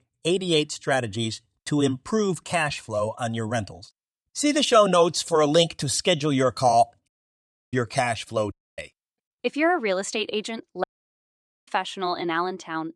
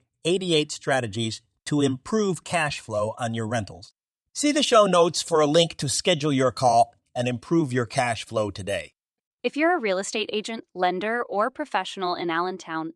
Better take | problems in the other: second | audio cutting out; at 7 s for 0.5 s, at 8.5 s and at 11 s for 1 s

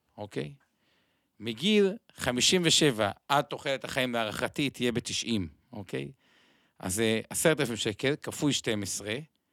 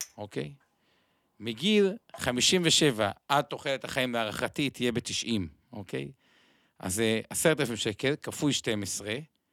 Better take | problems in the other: first | clattering dishes; faint; until 2 s; peak 15 dB below the speech

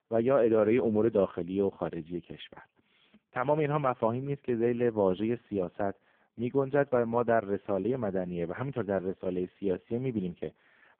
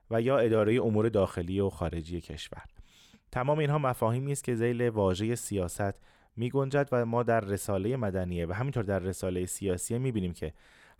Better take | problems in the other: second | phone-call audio; poor line; nothing above 3.5 kHz

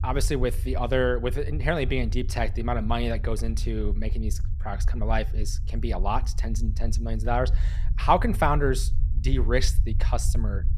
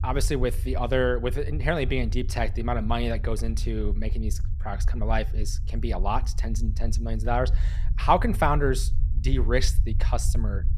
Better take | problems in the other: neither | low rumble; faint; throughout; 20 dB below the speech; the same in both

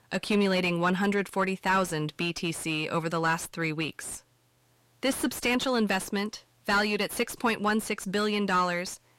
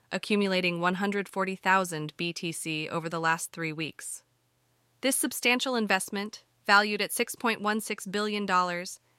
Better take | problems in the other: second | distortion; heavy; 7 dB below the speech

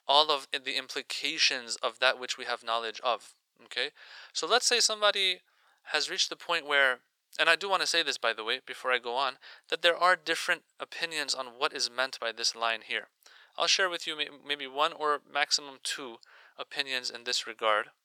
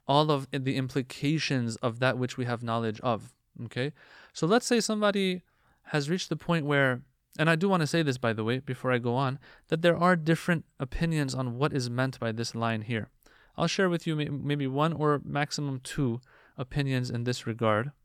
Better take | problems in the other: second | thin; very; fading below 550 Hz

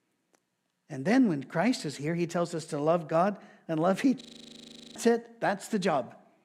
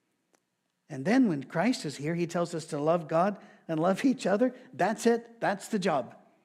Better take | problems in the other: second | audio freezing; at 4 s for 0.5 s

